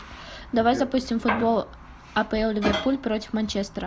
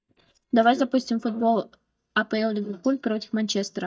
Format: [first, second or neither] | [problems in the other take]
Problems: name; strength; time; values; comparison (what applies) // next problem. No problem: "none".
first | noise reduction (neural mask model DeepFilterNet 3)